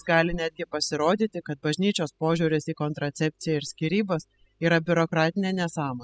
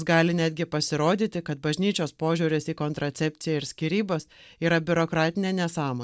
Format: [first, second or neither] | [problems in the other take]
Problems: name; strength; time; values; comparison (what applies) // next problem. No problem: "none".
second | noise reduction (classical method spectral subtraction)